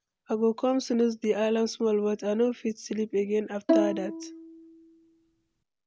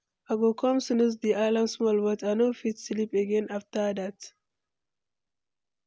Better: second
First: background sound (Bowed string instrument); 2 dB below the speech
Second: none

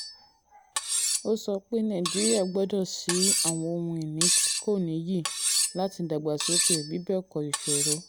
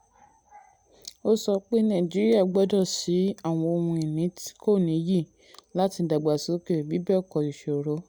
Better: second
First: background sound (Cutlery, silverware); as loud as the speech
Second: none

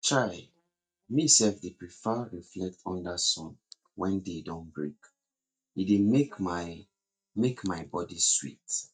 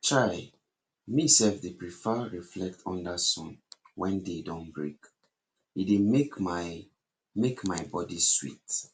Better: second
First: noise reduction (neural mask model DeepFilterNet 3)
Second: none

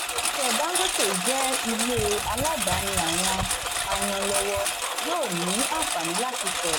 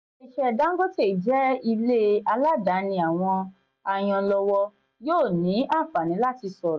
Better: second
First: background sound (Engine); 3 dB above the speech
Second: none

